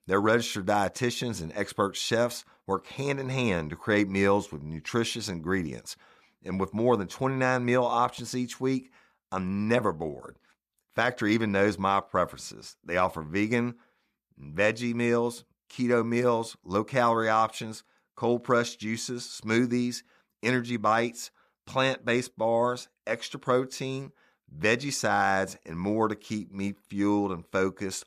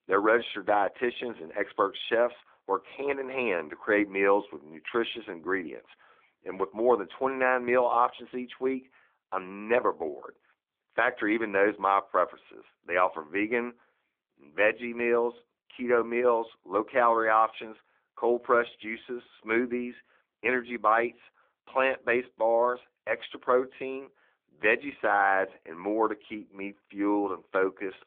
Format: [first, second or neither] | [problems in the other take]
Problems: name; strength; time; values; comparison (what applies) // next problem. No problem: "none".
first | phone-call audio; nothing above 3.5 kHz